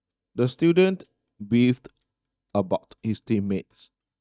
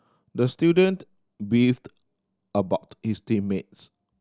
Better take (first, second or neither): second